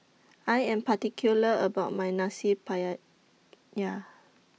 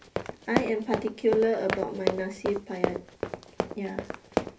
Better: first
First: none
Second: background sound (Run); 2 dB below the speech // room echo; dies away in 0.3 s

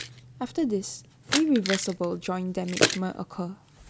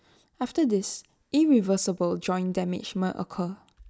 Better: second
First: background sound (Keys jangling); 4 dB below the speech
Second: none

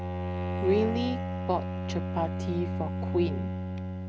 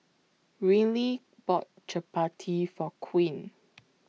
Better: second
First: background sound (Bowed string instrument); as loud as the speech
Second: none

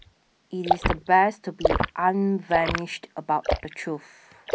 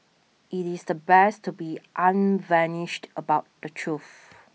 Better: second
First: background sound (Liquid); 2 dB below the speech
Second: none

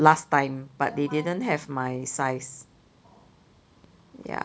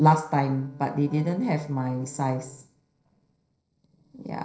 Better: first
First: none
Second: noise reduction (neural separator model SepFormer DNS4)

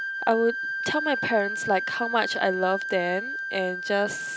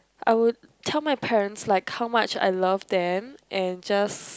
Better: second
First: background sound (Wind instrument, woodwind instrument); 4 dB below the speech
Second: none

